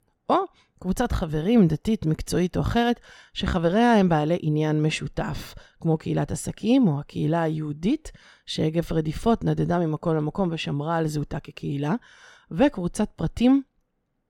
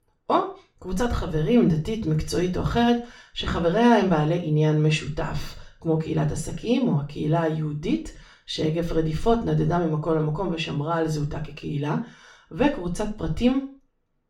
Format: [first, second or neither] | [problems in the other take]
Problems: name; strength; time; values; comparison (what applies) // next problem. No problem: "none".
first | room echo; slight; dies away in 0.4 s // off-mic speech; somewhat distant